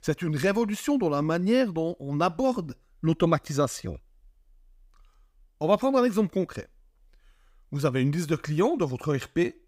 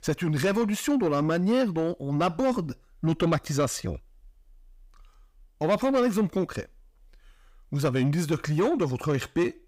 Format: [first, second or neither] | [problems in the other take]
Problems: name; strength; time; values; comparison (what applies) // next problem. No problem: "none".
first | distortion; slight; 10 dB below the speech